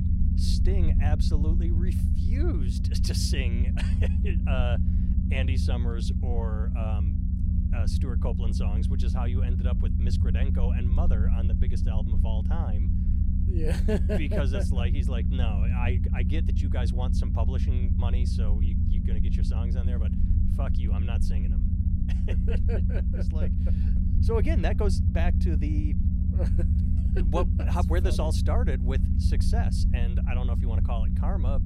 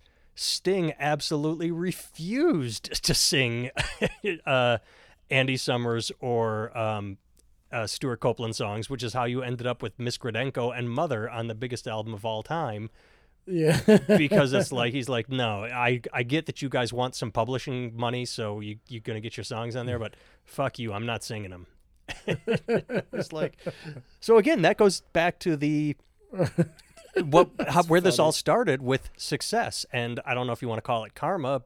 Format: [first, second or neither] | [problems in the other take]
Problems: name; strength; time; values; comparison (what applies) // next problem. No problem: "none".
second | low rumble; loud; throughout; 3 dB below the speech